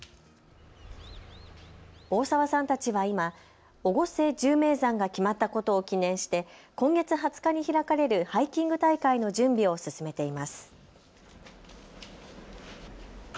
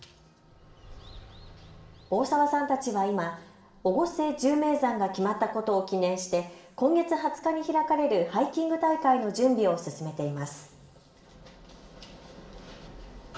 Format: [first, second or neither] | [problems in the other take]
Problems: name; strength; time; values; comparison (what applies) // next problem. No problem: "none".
first | room echo; dies away in 0.9 s